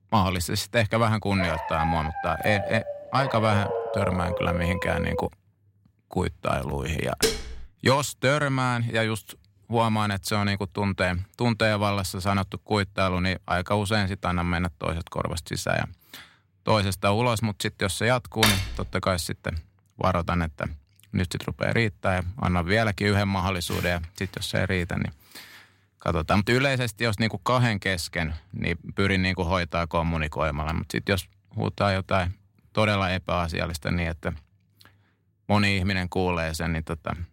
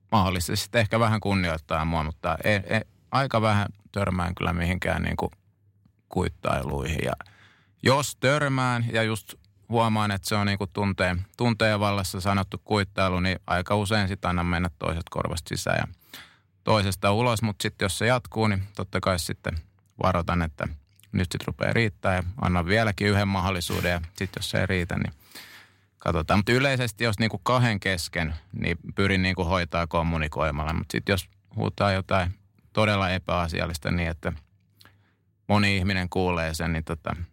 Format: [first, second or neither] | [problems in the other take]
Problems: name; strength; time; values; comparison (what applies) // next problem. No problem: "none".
second | dog barking; noticeable; from 1.5 to 5.5 s; peak 3 dB below the speech // clattering dishes; loud; at 7 s and at 18 s; peak 3 dB above the speech